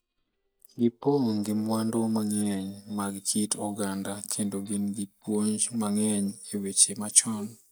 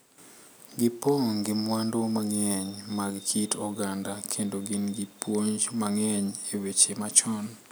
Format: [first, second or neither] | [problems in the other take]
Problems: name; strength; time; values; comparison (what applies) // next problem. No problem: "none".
second | noise reduction (neural mask model DeepFilterNet 3)